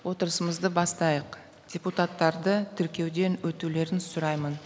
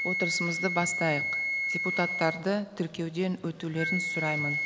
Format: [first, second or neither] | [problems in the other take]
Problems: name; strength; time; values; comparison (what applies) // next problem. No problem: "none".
first | background sound (Wind instrument, woodwind instrument); 1 dB below the speech